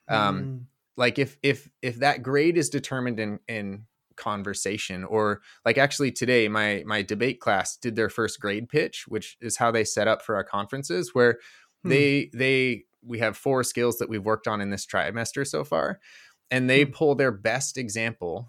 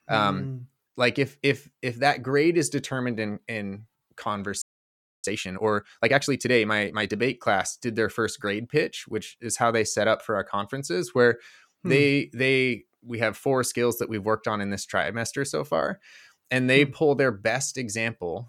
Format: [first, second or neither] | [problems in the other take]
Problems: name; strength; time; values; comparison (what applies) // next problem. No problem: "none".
first | audio freezing; at 4.5 s for 0.5 s